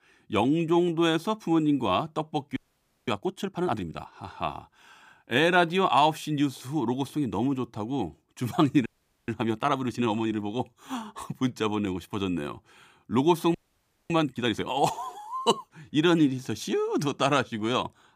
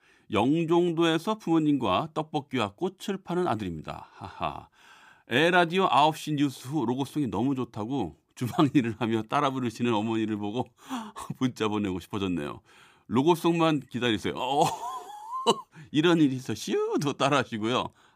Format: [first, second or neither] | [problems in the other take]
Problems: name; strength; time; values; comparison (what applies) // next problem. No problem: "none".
second | audio freezing; at 2.5 s for 0.5 s, at 9 s and at 14 s for 0.5 s